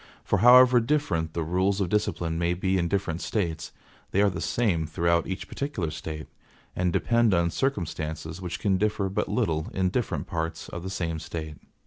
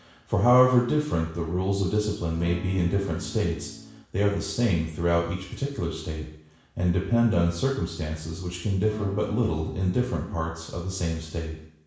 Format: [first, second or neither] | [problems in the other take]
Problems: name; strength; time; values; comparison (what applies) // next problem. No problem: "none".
first | background sound (Acoustic guitar / Strum); 14 dB below the speech // room echo; dies away in 0.7 s